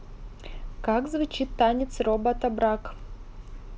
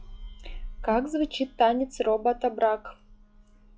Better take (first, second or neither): first